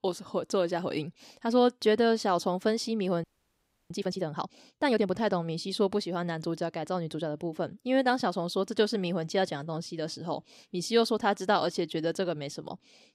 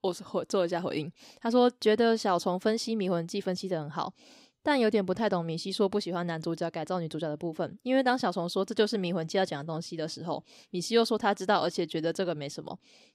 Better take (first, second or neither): second